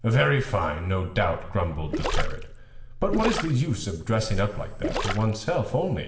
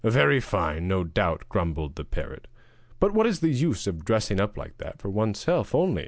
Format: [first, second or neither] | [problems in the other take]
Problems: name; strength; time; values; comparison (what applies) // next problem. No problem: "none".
second | background sound (Gurgling); 7 dB below the speech // room echo; dies away in 1.5 s